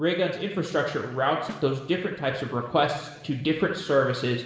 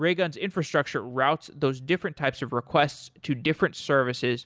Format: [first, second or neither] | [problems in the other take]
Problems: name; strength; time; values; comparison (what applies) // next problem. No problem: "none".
second | noise reduction (neural separator model SepFormer DNS4)